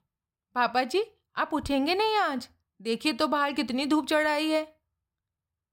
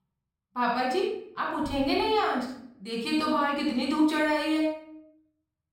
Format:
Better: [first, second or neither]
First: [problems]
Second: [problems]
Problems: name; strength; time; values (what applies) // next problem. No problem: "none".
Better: first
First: none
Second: off-mic speech; far // room echo; noticeable; dies away in 0.7 s